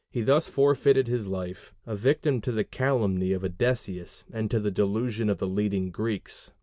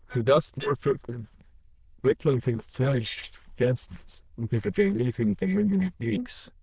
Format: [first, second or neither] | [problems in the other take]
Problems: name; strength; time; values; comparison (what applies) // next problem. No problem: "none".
first | noise reduction (neural diffusion model UNIVERSE++)